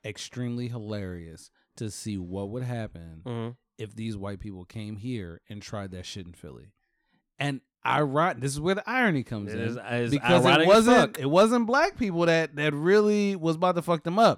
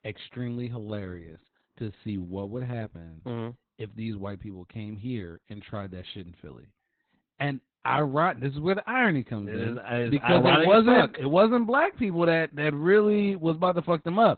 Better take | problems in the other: first | garbled, watery; badly; nothing above 4 kHz

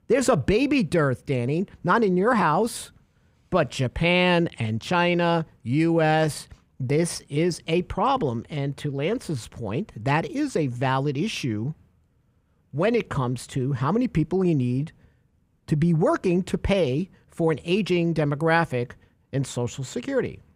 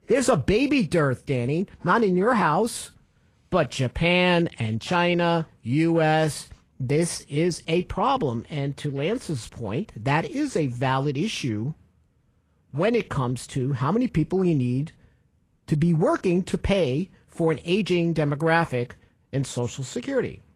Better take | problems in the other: first | garbled, watery; slightly

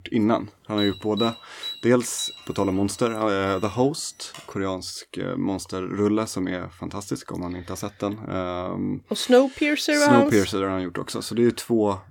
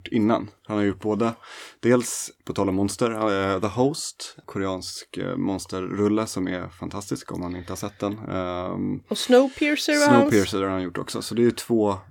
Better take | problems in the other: second | alarm; noticeable; from 1 to 4.5 s; peak 7 dB below the speech

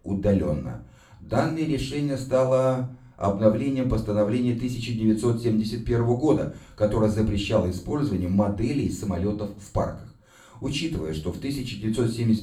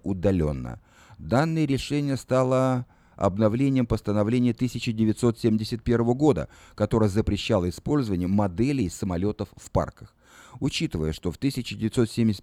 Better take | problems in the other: second | room echo; slight; dies away in 0.3 s // off-mic speech; far

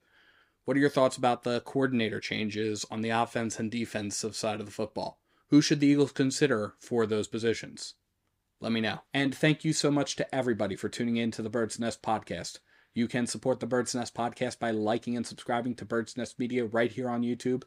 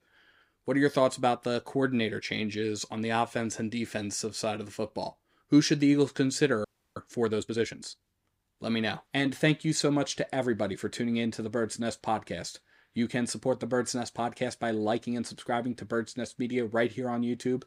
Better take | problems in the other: first | audio freezing; at 6.5 s

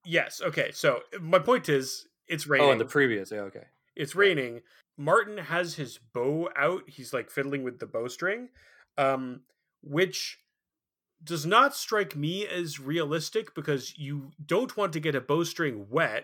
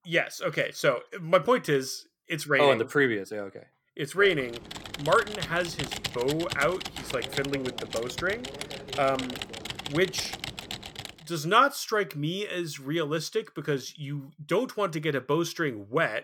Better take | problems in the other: first | keyboard typing; noticeable; from 4.5 to 11 s; peak 5 dB below the speech

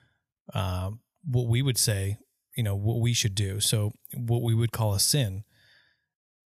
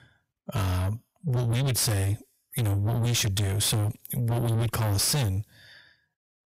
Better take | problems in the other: first | distortion; heavy; 5 dB below the speech

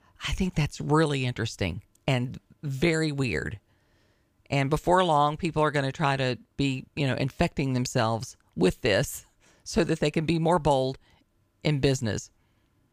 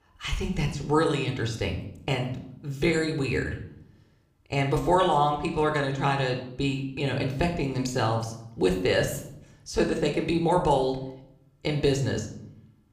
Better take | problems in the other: first | room echo; slight; dies away in 0.6 s

